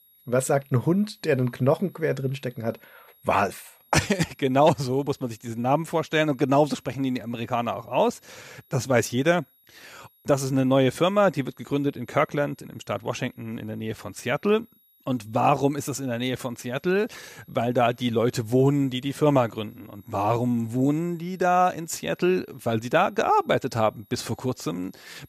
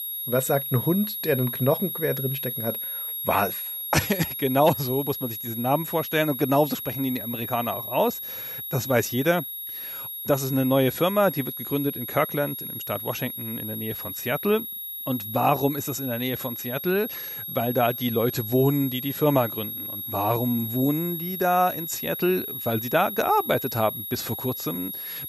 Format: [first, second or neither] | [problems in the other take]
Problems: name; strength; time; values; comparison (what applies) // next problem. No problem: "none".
first | high-pitched whine; loud; throughout; 11.5 kHz, 5 dB below the speech; faint in the first